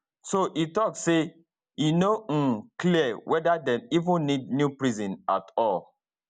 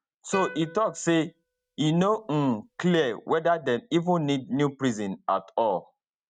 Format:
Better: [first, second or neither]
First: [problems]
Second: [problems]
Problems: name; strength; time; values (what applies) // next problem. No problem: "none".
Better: first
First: none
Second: noise reduction (neural mask model RNNoise)